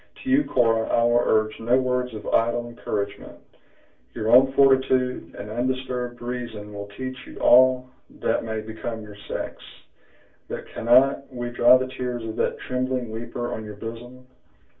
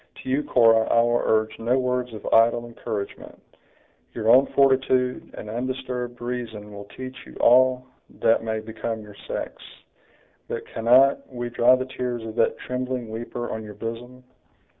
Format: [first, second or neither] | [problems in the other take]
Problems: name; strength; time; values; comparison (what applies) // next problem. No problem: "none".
second | room echo; dies away in 0.2 s